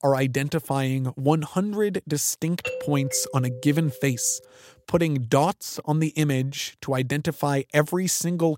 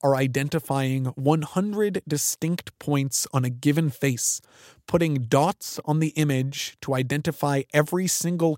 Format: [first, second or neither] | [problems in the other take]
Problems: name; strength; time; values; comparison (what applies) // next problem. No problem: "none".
second | doorbell; noticeable; from 2.5 to 4 s; peak 7 dB below the speech